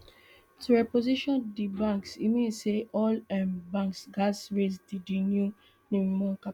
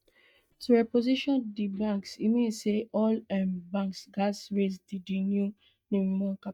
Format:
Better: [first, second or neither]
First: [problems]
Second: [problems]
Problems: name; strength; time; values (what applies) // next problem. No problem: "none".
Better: first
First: none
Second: noise reduction (neural mask model DeepFilterNet 3)